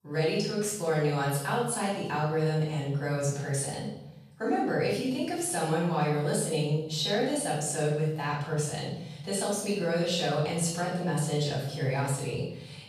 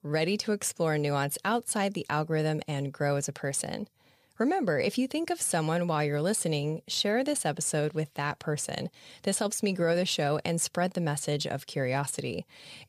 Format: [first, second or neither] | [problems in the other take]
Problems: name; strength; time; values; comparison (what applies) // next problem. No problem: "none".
second | off-mic speech; far // room echo; noticeable; dies away in 0.9 s